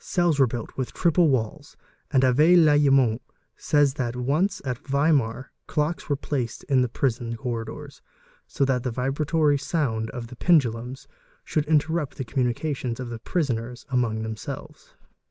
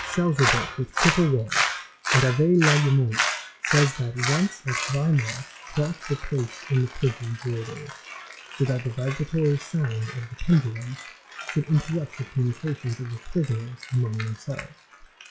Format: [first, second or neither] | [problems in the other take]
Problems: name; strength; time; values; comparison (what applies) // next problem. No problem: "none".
first | noise reduction (classical method log-MMSE)